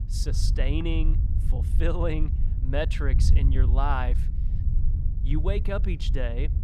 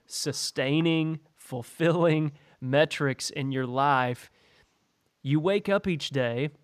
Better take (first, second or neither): second